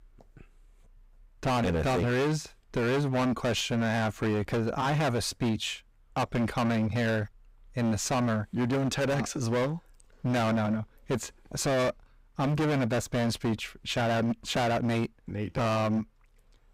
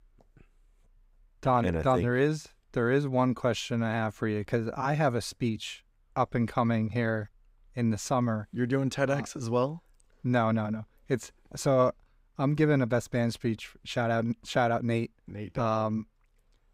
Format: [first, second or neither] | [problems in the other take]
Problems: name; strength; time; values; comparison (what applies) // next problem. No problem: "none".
second | distortion; heavy; 21% of the sound clipped